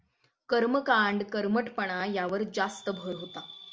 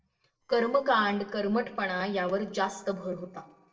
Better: first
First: none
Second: noise reduction (neural separator model SepFormer DNS4)

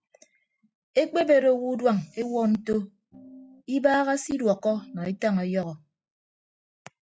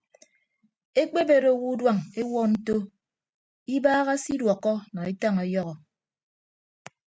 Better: second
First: noise reduction (classical method log-MMSE)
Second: none

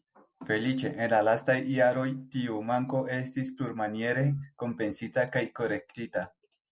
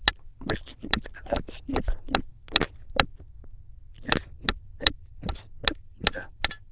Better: first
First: none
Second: noise reduction (neural diffusion model UNIVERSE++)

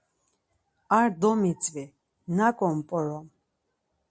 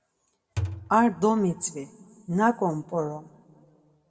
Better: first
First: none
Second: background sound (Thump, thud); 7 dB below the speech // room echo; dies away in 1.5 s

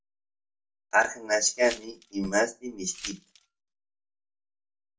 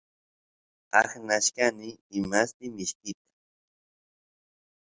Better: second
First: background sound (Glass); 15 dB below the speech // room echo; dies away in 0.2 s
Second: none

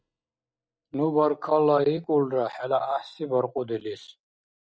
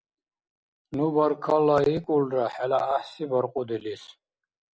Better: second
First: noise reduction (neural mask model DeepFilterNet 3)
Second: none

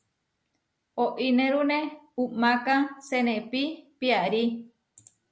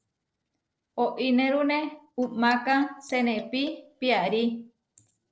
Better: first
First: none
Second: noise reduction (neural separator model SepFormer DNS4)

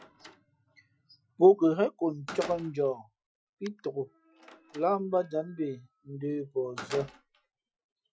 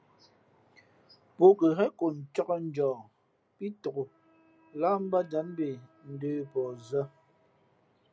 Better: second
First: noise reduction (classical method Wiener filter)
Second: none

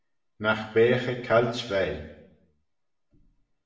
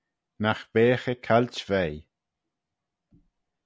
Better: second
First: room echo; dies away in 0.8 s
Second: none

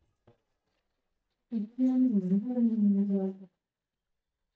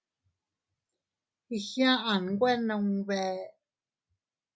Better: second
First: noise reduction (neural mask model DeepFilterNet 3)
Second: none

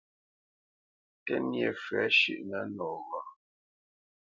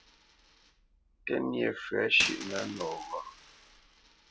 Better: first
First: none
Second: background sound (Coin (dropping)); 11 dB below the speech

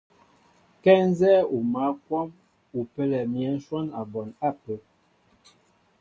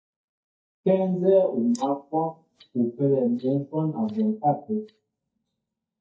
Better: first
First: none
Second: noise reduction (neural mask model DeepFilterNet 3)

